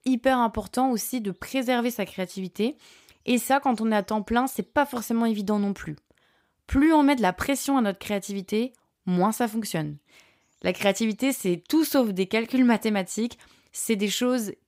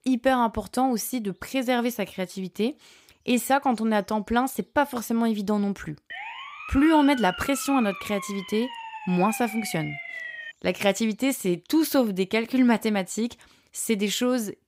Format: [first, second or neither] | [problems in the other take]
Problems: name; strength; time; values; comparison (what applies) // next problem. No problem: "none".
first | siren; noticeable; from 6 to 11 s; peak 9 dB below the speech